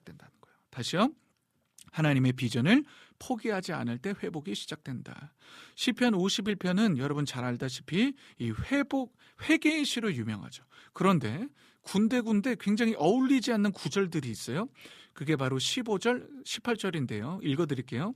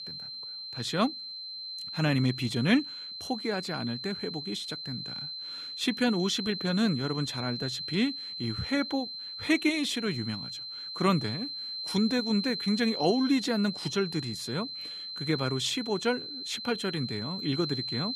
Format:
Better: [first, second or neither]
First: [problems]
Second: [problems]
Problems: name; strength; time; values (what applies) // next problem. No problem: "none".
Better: first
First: none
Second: high-pitched whine; loud; throughout; 4 kHz, 6 dB below the speech